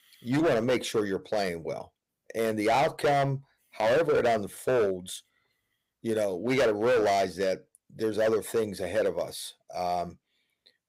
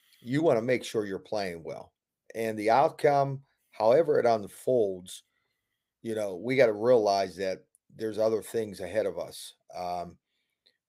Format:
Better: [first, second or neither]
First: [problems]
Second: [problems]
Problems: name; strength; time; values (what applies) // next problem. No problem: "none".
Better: second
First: distortion; heavy; 10% of the sound clipped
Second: none